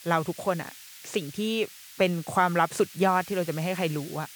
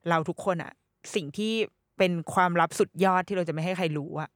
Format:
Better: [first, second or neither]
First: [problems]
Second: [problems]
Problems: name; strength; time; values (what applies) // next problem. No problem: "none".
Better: second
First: hiss; noticeable; throughout; 15 dB below the speech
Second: none